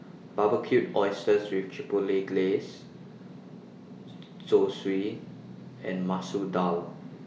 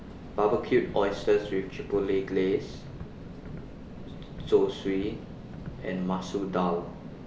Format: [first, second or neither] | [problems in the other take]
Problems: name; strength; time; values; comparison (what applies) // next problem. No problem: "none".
first | background sound (Subway, metro, underground); 13 dB below the speech